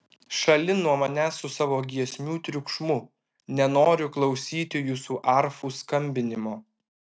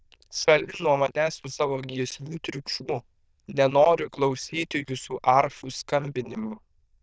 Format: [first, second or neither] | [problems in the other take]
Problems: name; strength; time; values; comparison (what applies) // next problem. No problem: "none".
first | noise reduction (neural diffusion model UNIVERSE++)